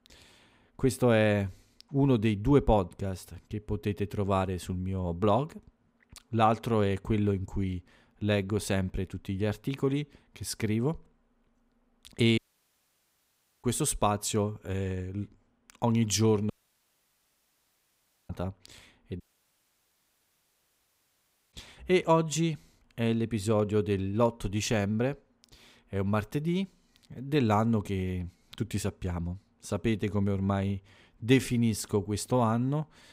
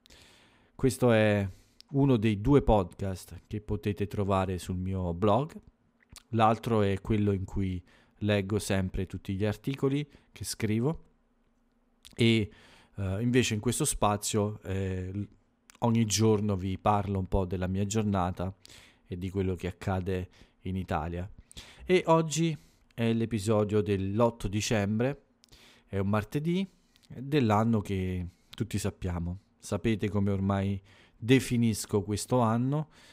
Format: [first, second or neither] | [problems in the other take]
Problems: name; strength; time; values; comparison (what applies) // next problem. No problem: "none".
second | audio cutting out; at 12 s for 1.5 s, at 17 s for 2 s and at 19 s for 2.5 s